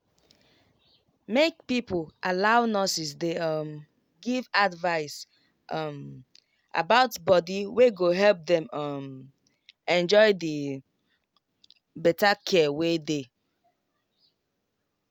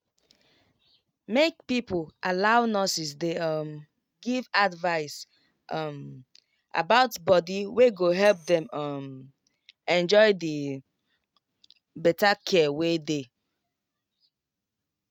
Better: first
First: none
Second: noise reduction (neural mask model RNNoise)

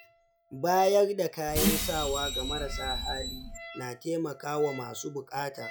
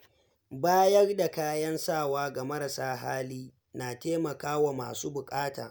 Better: second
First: noise reduction (classical method log-MMSE)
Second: none

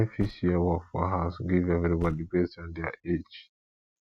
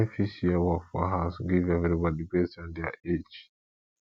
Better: second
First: noise reduction (neural mask model RNNoise)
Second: none

